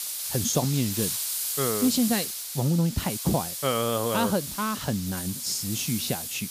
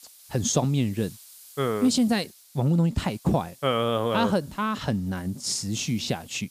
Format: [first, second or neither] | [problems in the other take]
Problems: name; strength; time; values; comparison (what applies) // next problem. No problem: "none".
second | hiss; loud; throughout; 3 dB below the speech; faint in the second